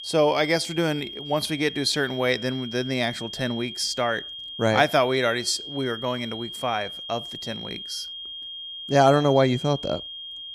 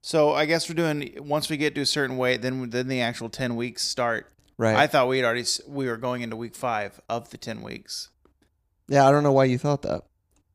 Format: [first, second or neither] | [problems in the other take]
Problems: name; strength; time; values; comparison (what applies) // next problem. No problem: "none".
second | high-pitched whine; loud; throughout; 3 kHz, 10 dB below the speech